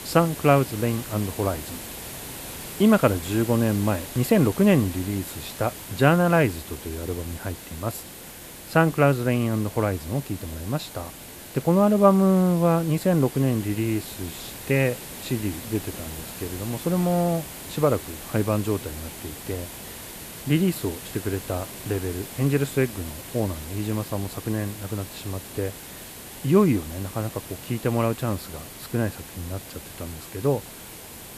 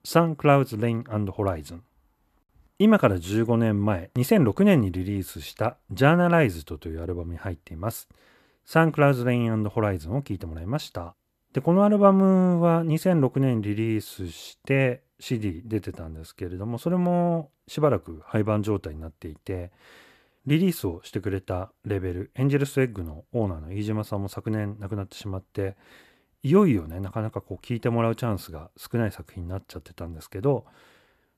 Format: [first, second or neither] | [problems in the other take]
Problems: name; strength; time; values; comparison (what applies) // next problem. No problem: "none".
second | hiss; noticeable; throughout; 15 dB below the speech